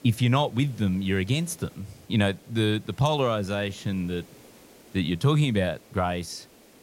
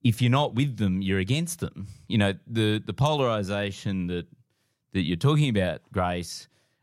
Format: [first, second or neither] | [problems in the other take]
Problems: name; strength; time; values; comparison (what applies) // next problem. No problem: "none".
second | hiss; faint; throughout; 25 dB below the speech